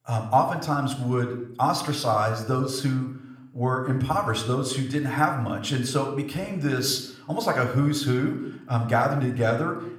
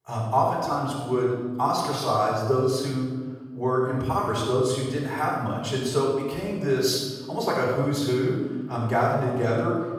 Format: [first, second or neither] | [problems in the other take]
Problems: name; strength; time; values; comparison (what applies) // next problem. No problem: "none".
first | room echo; strong; dies away in 1.2 s; slight in the first // off-mic speech; far; somewhat distant in the first